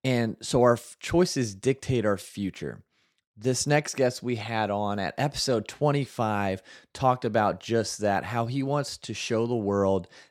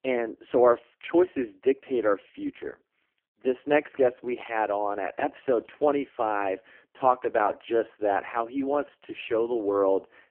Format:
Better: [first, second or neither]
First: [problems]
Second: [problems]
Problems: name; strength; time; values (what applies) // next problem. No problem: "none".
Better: first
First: none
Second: phone-call audio; poor line